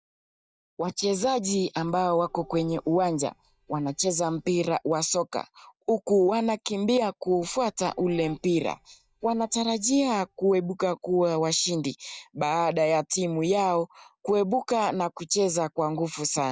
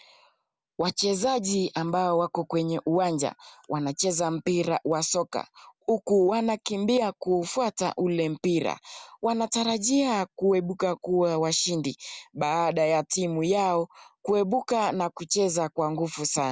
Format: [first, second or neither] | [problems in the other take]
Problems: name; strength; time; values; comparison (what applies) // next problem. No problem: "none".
second | noise reduction (neural mask model DeepFilterNet 3)